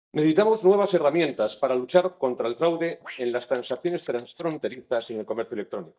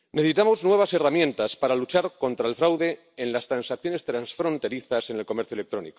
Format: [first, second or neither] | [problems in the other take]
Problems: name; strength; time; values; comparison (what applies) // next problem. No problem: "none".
second | noise reduction (neural mask model DeepFilterNet 3)